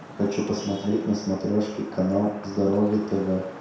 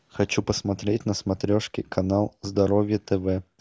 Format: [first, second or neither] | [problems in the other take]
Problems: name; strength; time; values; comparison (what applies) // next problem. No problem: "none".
second | background sound (Traffic noise, roadway noise / Vehicle horn, car horn, honking); 17 dB below the speech // room echo; dies away in 0.7 s